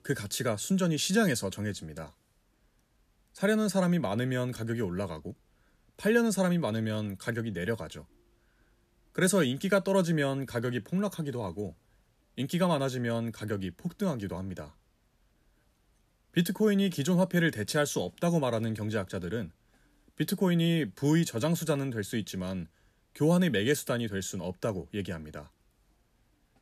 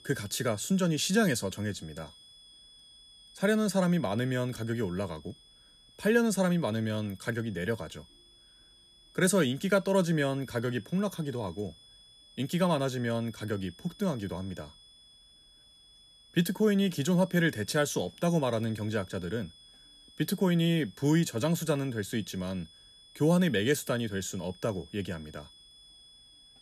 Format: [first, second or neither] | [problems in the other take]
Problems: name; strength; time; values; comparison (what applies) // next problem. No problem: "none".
first | high-pitched whine; faint; throughout; 3.5 kHz, 25 dB below the speech